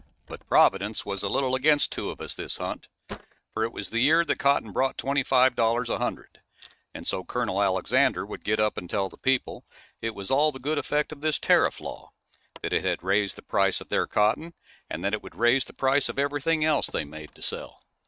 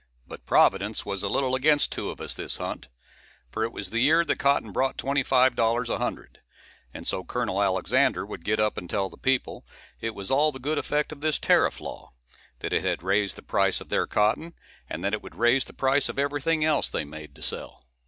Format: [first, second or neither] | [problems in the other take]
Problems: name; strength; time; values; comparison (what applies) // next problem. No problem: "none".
second | noise reduction (neural mask model RNNoise)